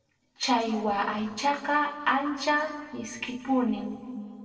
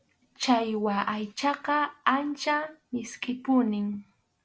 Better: second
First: noise reduction (neural separator model SepFormer DNS4)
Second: none

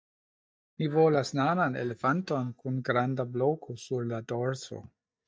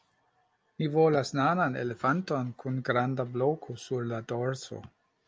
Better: second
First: noise reduction (neural mask model DeepFilterNet 3)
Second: none

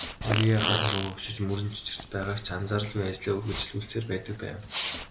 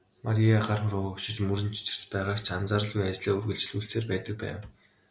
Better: second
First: background sound (Fart); 6 dB below the speech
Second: none

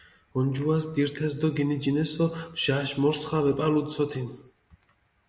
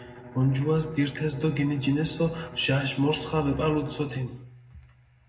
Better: first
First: none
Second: background sound (Bowed string instrument); 17 dB below the speech // room echo; dies away in 0.3 s

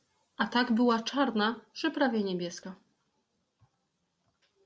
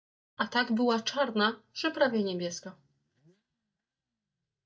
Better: first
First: none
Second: noise reduction (neural mask model DeepFilterNet 3)

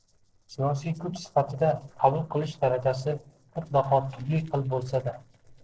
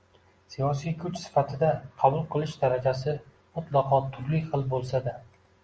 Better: second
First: noise reduction (neural separator model SepFormer DNS4)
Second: none

